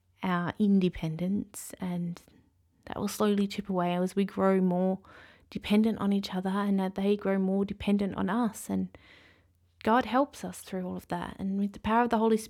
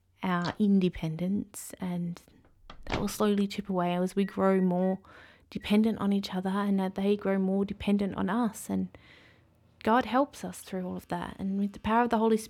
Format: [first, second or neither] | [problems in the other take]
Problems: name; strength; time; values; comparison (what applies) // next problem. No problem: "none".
first | household noises; noticeable; throughout; 15 dB below the speech